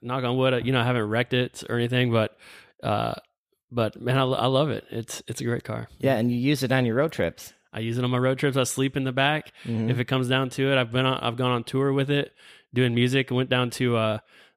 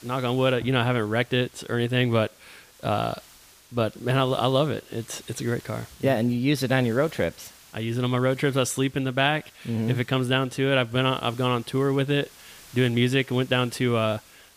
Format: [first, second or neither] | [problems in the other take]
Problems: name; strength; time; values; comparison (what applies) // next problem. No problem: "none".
first | hiss; faint; throughout; 25 dB below the speech